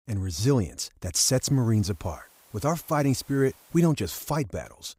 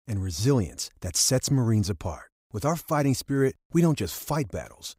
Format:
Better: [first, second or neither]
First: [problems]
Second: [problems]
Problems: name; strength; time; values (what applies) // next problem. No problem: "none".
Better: second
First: hiss; faint; from 1.5 to 4 s; 30 dB below the speech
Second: none